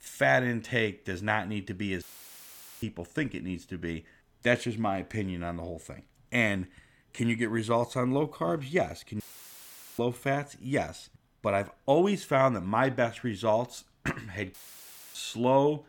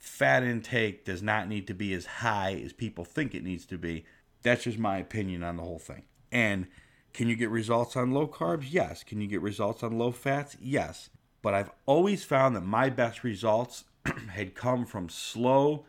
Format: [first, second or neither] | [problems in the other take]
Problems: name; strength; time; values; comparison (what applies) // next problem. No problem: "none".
second | audio cutting out; filled with static; at 2 s for 1 s, at 9 s for 1 s and at 15 s for 0.5 s